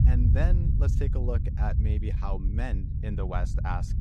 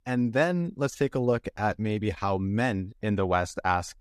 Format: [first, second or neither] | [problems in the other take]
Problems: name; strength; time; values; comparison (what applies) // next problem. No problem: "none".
second | low rumble; loud; throughout; 5 dB below the speech